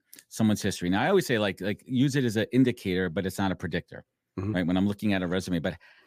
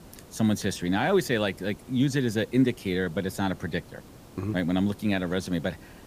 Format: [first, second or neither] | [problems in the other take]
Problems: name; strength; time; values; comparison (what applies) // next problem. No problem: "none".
first | hiss; faint; throughout; 20 dB below the speech